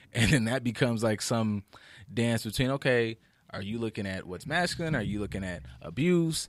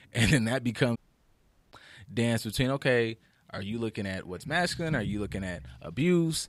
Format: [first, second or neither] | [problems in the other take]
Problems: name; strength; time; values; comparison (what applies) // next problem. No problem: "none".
first | audio cutting out; at 1 s for 1 s